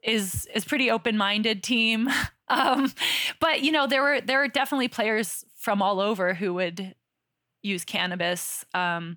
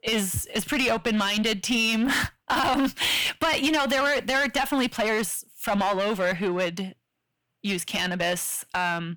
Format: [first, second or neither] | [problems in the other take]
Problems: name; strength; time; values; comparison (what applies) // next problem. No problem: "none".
first | distortion; heavy; 12% of the sound clipped